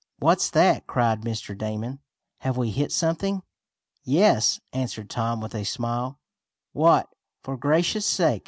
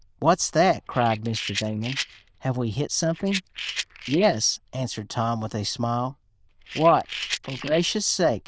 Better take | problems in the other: first | noise reduction (neural diffusion model UNIVERSE++)

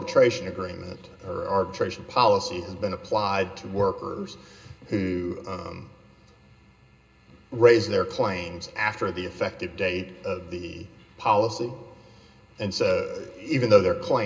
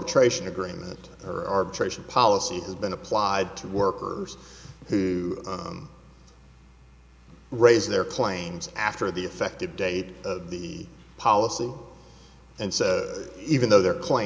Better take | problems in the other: second | room echo; dies away in 0.2 s

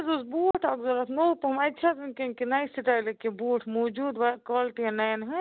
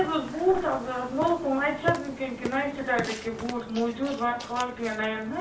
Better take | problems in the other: first | background sound (Burping, eructation); 10 dB below the speech // room echo; dies away in 0.3 s

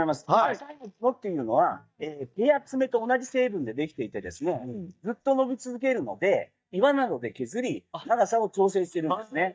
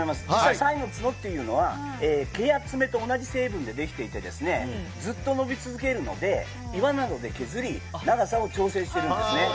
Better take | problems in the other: second | noise reduction (neural mask model DeepFilterNet 3)

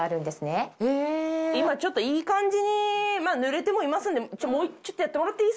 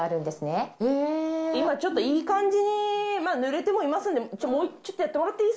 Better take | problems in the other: first | background sound (Ringtone); 13 dB below the speech // room echo; dies away in 0.5 s

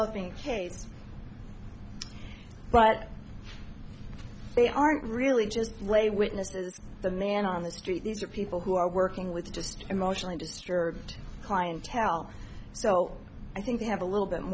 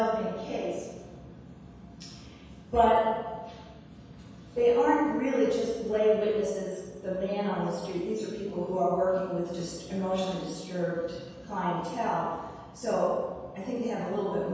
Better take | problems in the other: first | room echo; dies away in 1.2 s

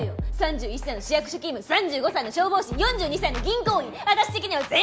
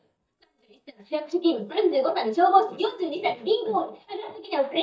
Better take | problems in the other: first | noise reduction (neural mask model DeepFilterNet 3)

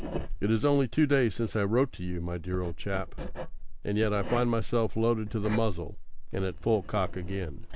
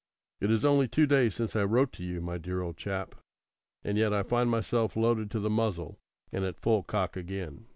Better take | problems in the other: second | background sound (Writing); 5 dB below the speech

